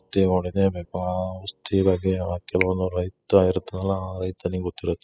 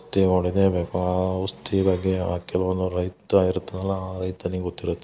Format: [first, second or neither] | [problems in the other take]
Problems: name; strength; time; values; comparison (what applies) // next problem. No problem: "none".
second | noise reduction (classical method spectral subtraction)